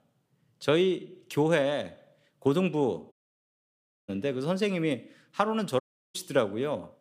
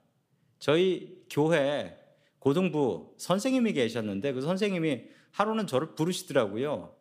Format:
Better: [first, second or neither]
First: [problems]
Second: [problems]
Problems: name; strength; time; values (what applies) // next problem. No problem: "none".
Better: second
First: audio cutting out; at 3 s for 1 s and at 6 s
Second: none